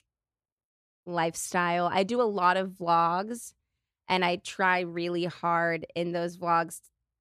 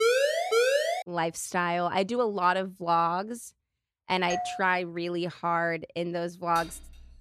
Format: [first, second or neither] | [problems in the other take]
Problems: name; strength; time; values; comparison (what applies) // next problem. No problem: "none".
first | siren; loud; until 1 s; peak 5 dB above the speech // doorbell; noticeable; at 4.5 s; peak 5 dB below the speech // clattering dishes; faint; at 6.5 s; peak 15 dB below the speech